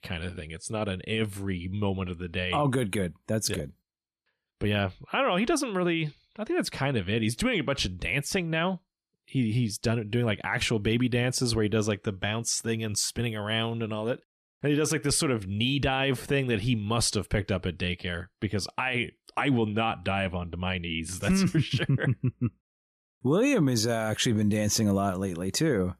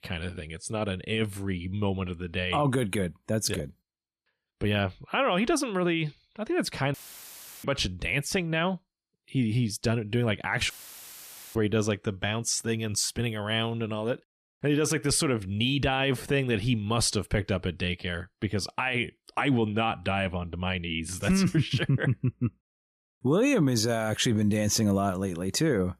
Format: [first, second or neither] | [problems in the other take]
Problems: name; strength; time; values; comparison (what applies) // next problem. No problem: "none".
first | audio cutting out; filled with static; at 7 s for 0.5 s and at 11 s for 1 s